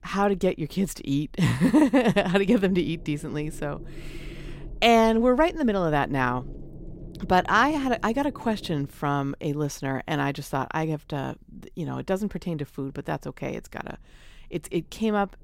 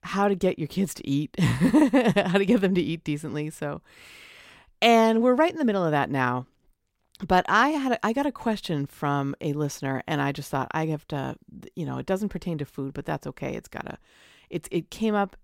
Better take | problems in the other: second | low rumble; faint; throughout; 25 dB below the speech

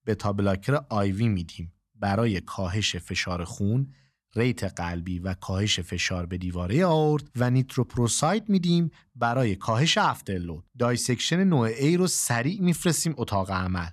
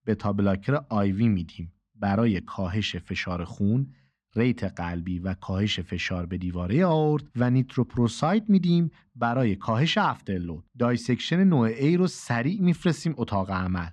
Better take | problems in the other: first | muffled; slightly; fading above 3.5 kHz

